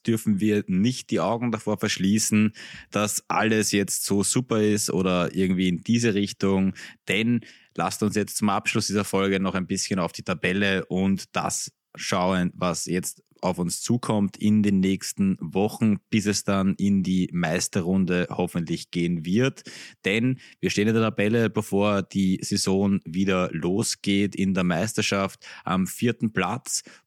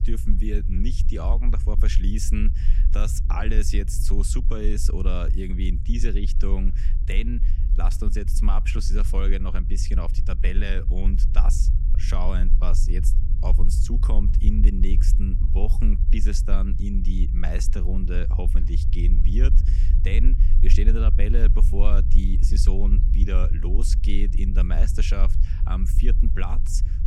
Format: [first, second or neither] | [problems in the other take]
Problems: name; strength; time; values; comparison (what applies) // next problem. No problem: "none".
first | low rumble; loud; throughout; 9 dB below the speech